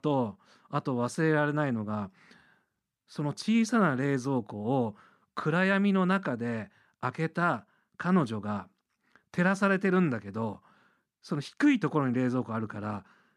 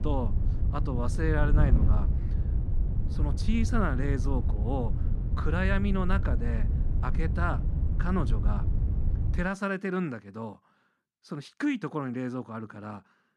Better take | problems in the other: first | wind noise on the microphone; heavy; until 9.5 s; 9 dB below the speech

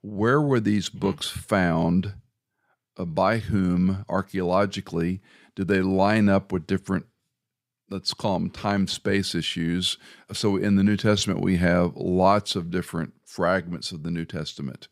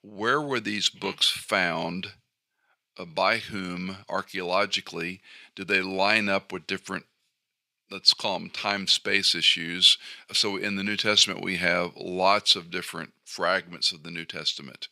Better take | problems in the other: first | thin; somewhat; fading below 800 Hz

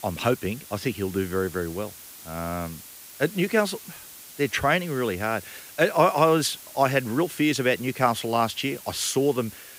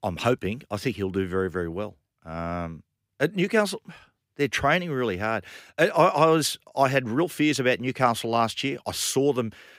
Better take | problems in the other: second | hiss; noticeable; throughout; 15 dB below the speech

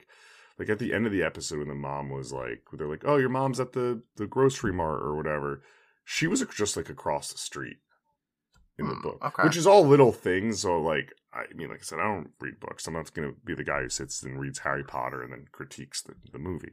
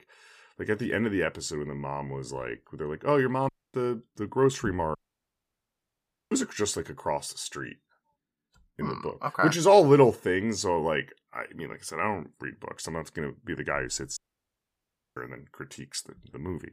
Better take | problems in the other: first | audio cutting out; at 3.5 s, at 5 s for 1.5 s and at 14 s for 1 s

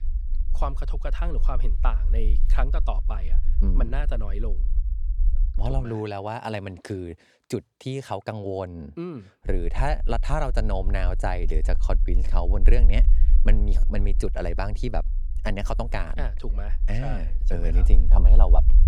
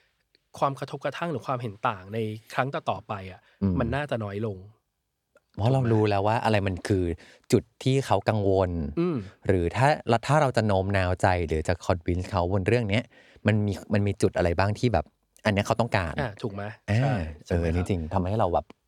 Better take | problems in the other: second | low rumble; noticeable; until 6 s and from 9.5 s on; 15 dB below the speech

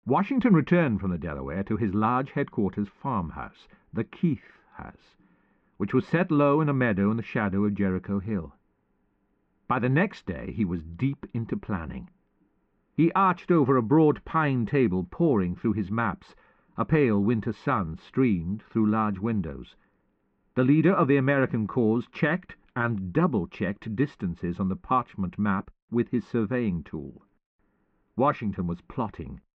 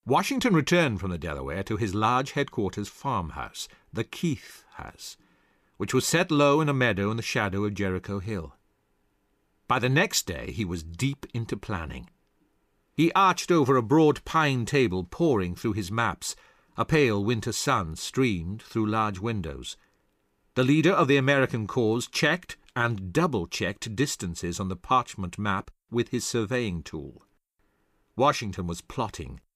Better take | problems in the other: second | muffled; very; fading above 2 kHz

